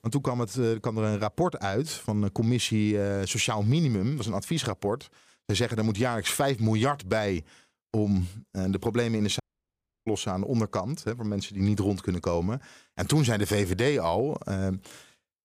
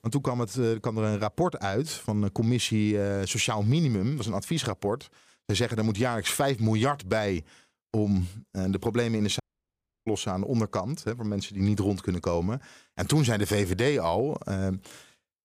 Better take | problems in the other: neither | audio cutting out; at 9.5 s for 0.5 s; the same in both

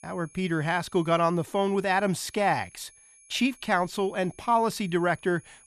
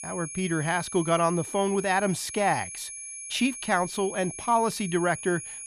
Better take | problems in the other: first | high-pitched whine; loud; throughout; 10 kHz, 10 dB below the speech; faint in the first

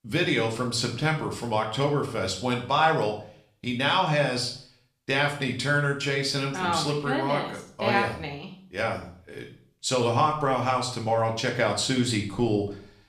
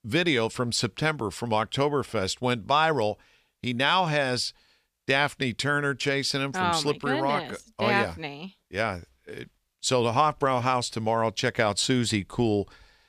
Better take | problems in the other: second | room echo; slight; dies away in 0.5 s // off-mic speech; somewhat distant

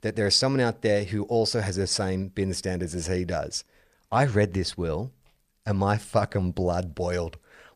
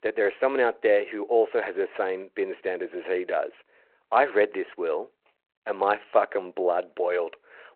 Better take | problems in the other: first | phone-call audio; nothing above 4 kHz

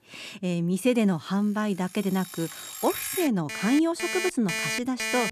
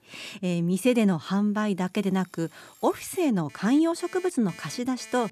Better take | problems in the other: second | alarms or sirens; loud; throughout; 5 dB below the speech; faint in the second

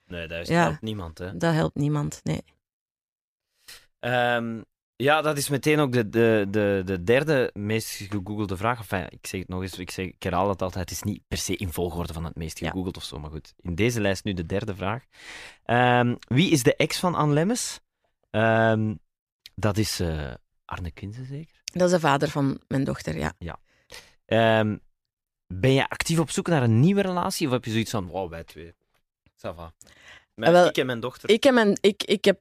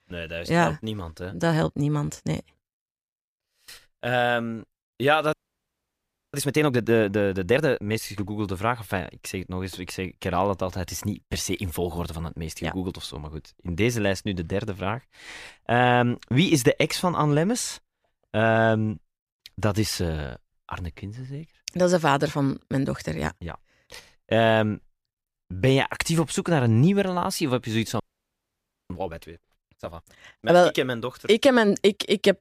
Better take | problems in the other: first | audio freezing; at 5.5 s for 1 s and at 28 s for 1 s

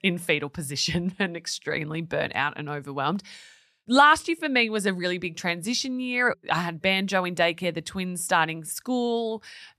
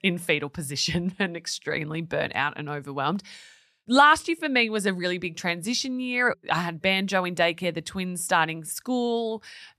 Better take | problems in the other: neither | none

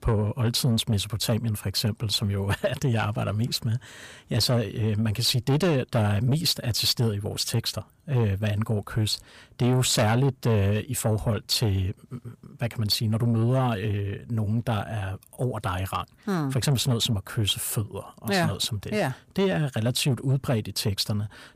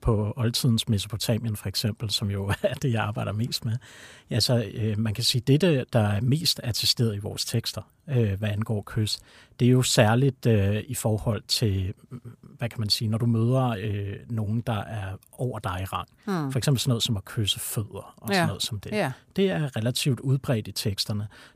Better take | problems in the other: second | distortion; slight; 10 dB below the speech

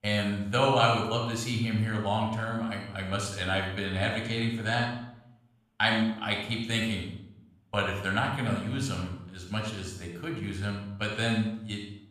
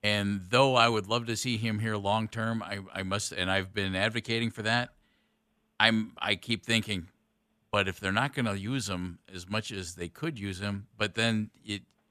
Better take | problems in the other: second | off-mic speech; somewhat distant // room echo; noticeable; dies away in 0.7 s

